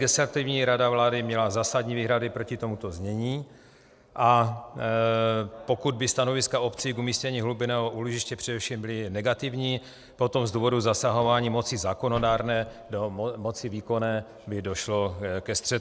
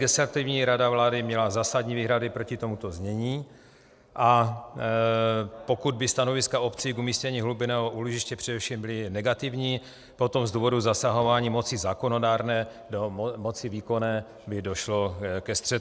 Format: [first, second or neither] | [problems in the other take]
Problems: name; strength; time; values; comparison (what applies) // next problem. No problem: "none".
second | background sound (Slam); 16 dB below the speech